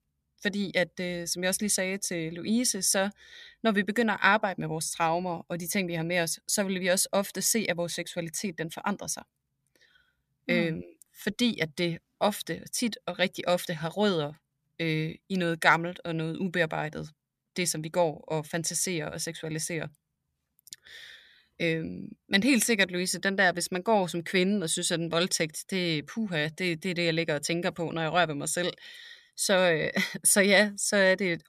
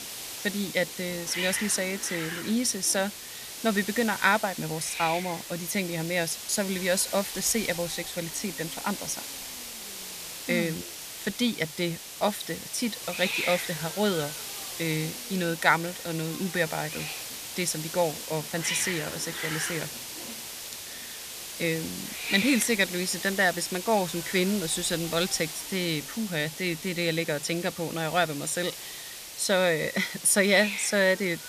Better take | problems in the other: first | hiss; loud; throughout; 7 dB below the speech

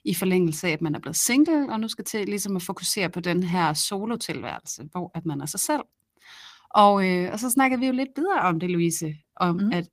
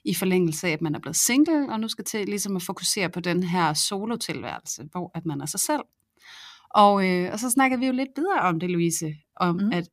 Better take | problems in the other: second | garbled, watery; slightly; nothing above 15 kHz

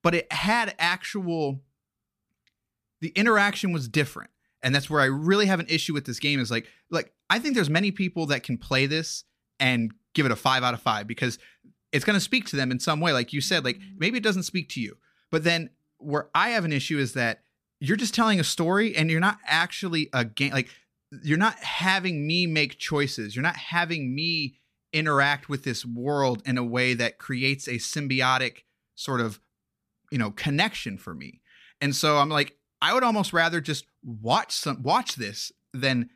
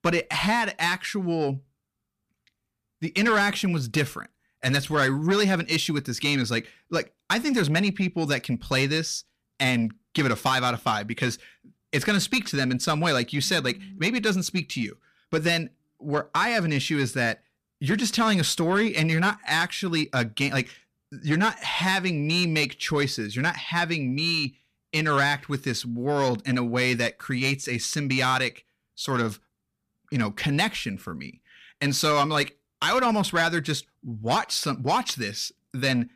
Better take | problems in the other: first | distortion; slight; 10 dB below the speech

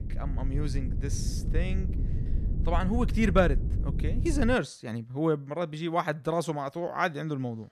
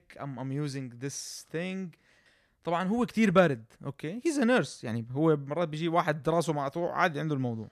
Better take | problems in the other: second | low rumble; noticeable; until 4.5 s; 15 dB below the speech

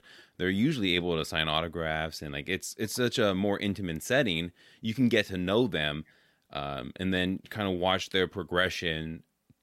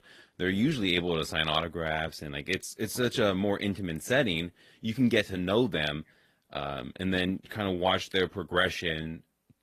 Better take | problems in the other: first | garbled, watery; slightly; nothing above 14.5 kHz

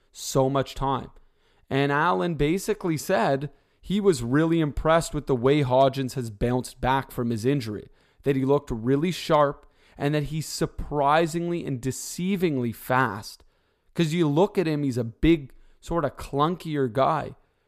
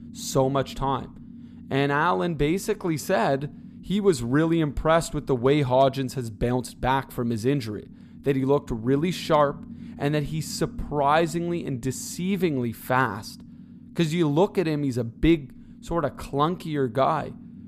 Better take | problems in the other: first | low rumble; faint; throughout; 25 dB below the speech

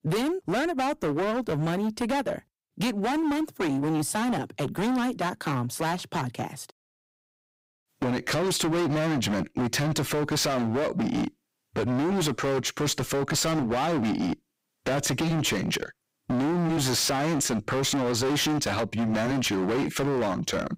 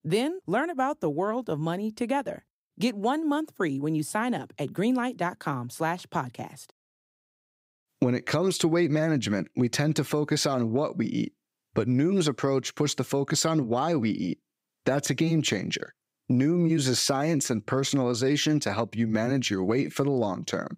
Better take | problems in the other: second | distortion; heavy; 31% of the sound clipped

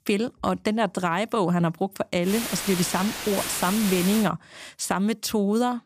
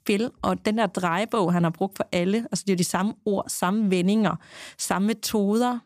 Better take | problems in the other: second | hiss; loud; from 2.5 to 4 s; 5 dB below the speech

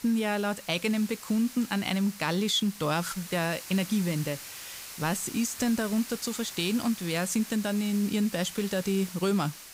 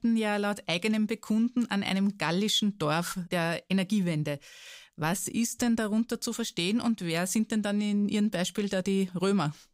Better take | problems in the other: second | hiss; noticeable; throughout; 10 dB below the speech

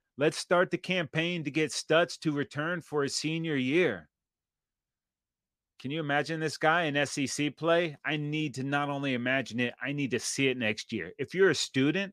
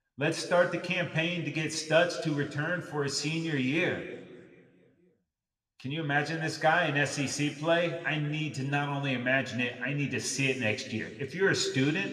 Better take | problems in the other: first | room echo; slight; dies away in 1.5 s

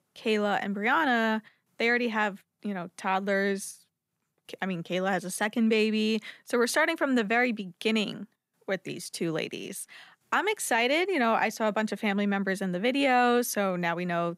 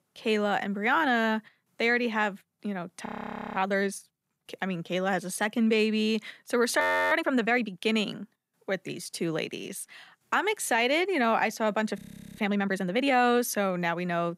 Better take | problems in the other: first | audio freezing; at 3 s for 0.5 s, at 7 s and at 12 s

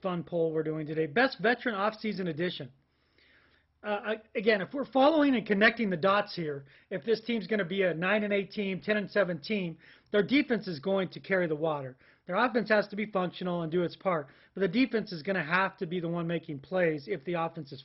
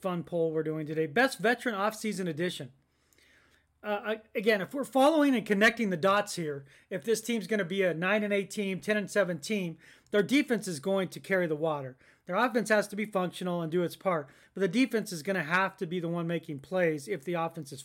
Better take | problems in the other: second | garbled, watery; badly; nothing above 5.5 kHz

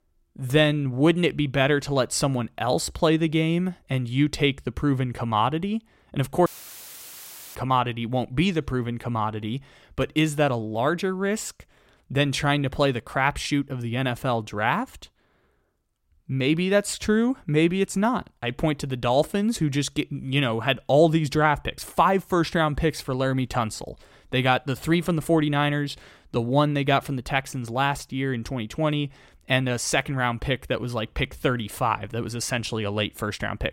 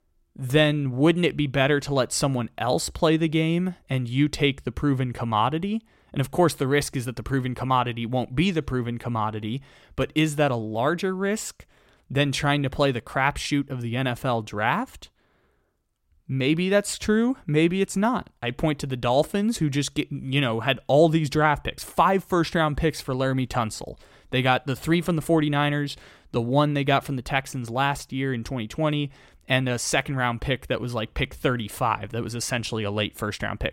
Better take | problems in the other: second | audio cutting out; filled with static; at 6.5 s for 1 s

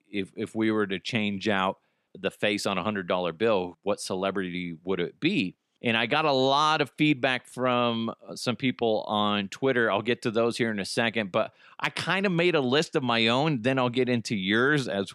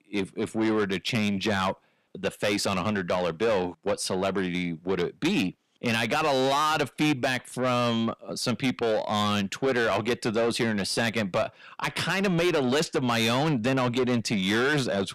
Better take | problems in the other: first | distortion; heavy; 8 dB below the speech

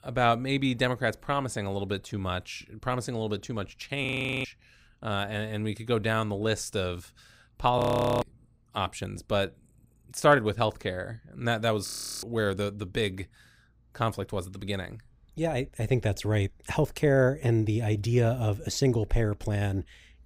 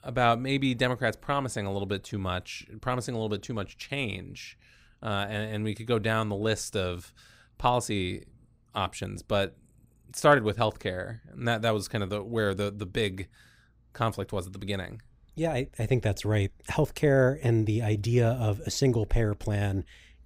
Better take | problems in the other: second | audio freezing; at 4 s, at 8 s and at 12 s

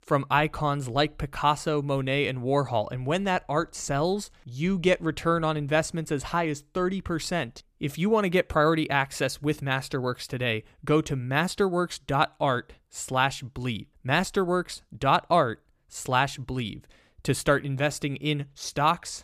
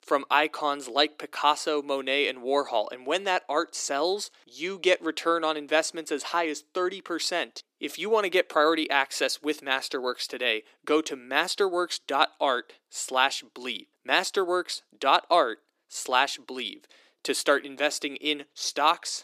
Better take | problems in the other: first | thin; somewhat; fading below 300 Hz

